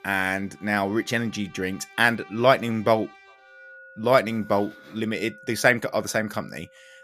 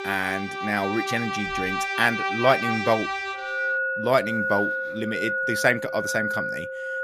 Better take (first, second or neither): first